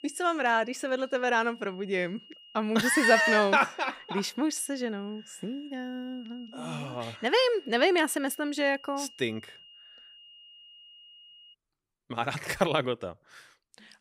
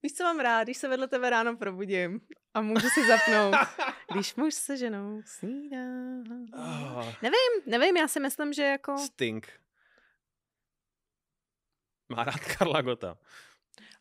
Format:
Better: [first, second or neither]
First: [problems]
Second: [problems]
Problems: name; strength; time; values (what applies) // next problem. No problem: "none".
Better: second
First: high-pitched whine; faint; until 12 s; 3 kHz, 25 dB below the speech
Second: none